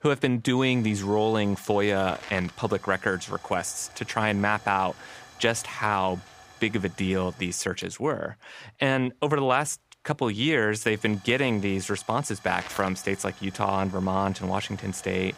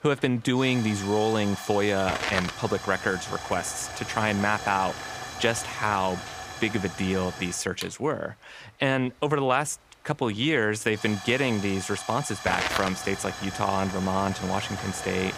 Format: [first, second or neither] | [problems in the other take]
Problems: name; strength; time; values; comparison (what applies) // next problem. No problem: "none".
first | hiss; loud; throughout; 8 dB below the speech; faint in the first